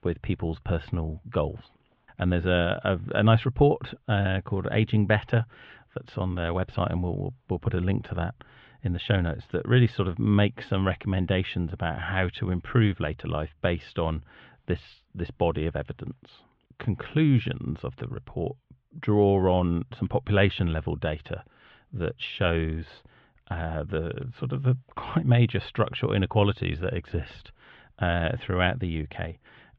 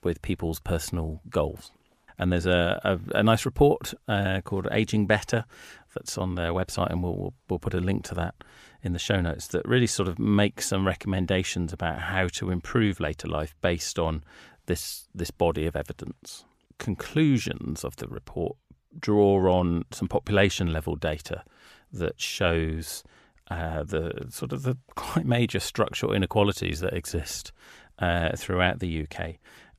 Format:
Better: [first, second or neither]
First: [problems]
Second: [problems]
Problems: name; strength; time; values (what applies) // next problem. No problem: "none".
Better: second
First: muffled; very; fading above 3.5 kHz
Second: none